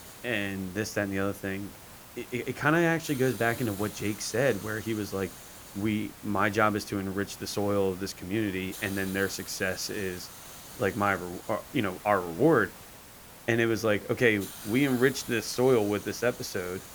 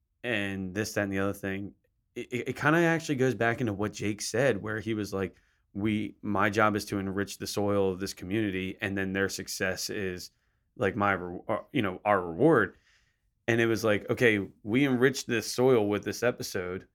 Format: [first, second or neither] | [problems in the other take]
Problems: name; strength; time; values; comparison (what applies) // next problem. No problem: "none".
second | hiss; noticeable; throughout; 15 dB below the speech